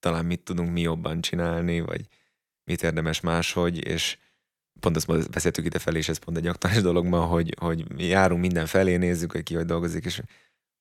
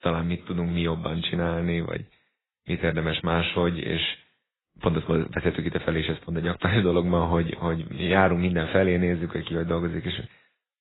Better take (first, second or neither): first